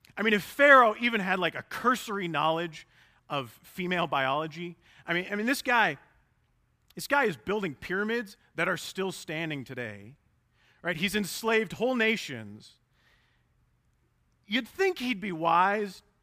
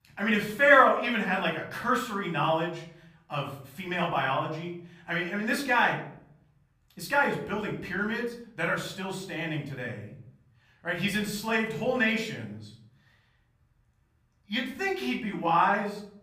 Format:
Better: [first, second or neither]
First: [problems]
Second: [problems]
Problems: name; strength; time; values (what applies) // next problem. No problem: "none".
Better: first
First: none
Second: off-mic speech; far // room echo; slight; dies away in 0.6 s